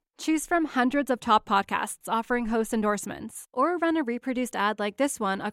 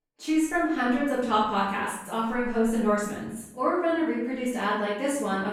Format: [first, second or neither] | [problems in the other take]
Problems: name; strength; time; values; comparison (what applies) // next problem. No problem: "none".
first | off-mic speech; far // room echo; noticeable; dies away in 0.7 s